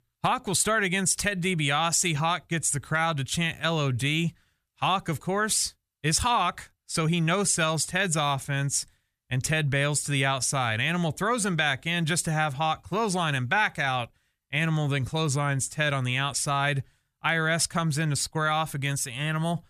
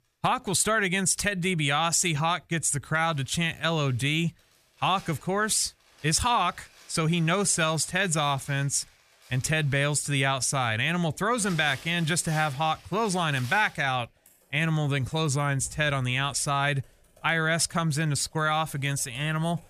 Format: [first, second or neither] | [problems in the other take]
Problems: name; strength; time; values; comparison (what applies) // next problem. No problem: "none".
first | household noises; faint; throughout; 25 dB below the speech